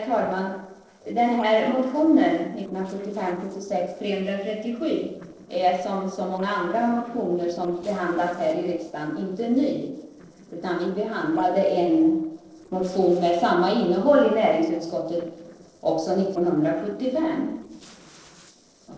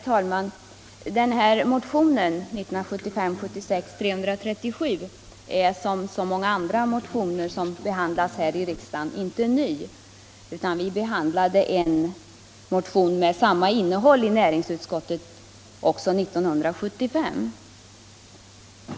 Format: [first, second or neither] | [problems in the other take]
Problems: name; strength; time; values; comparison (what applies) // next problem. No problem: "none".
second | noise reduction (neural separator model SepFormer DNS4)